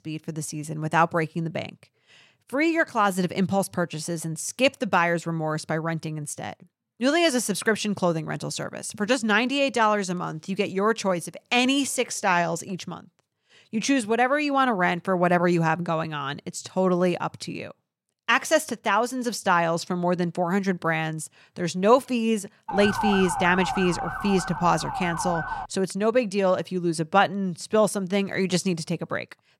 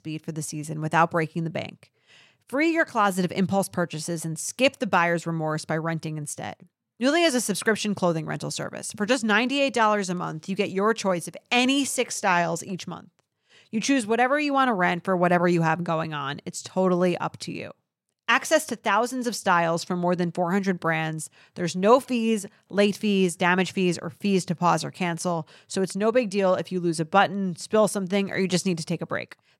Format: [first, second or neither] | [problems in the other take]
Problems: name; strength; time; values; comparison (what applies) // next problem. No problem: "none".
second | siren; noticeable; from 23 to 26 s; peak 2 dB below the speech